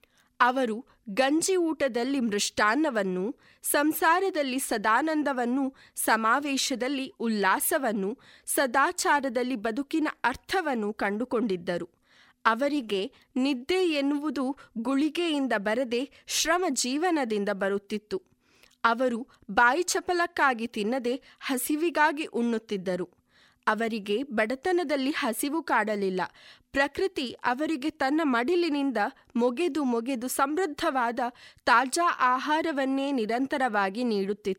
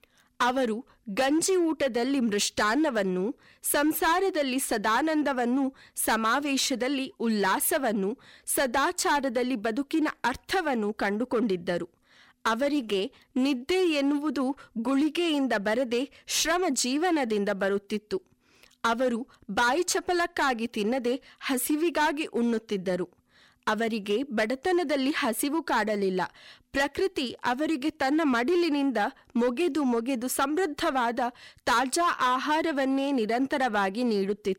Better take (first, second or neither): first